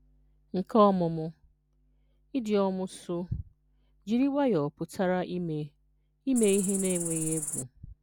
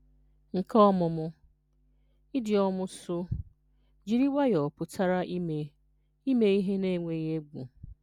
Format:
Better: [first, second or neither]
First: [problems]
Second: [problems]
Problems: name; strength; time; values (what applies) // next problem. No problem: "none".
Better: second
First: background sound (Cricket); 5 dB below the speech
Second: none